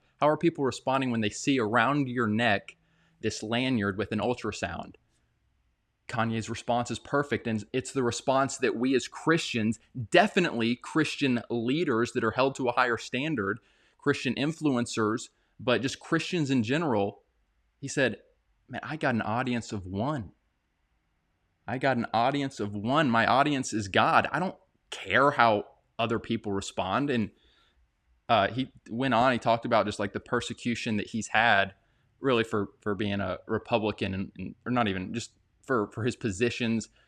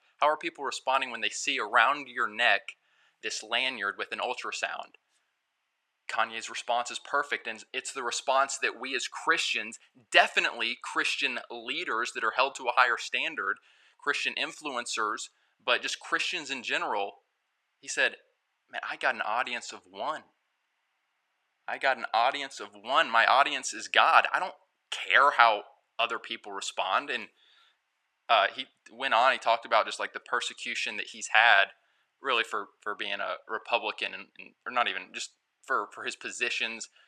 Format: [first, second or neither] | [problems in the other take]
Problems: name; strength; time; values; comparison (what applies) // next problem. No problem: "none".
first | thin; very; fading below 900 Hz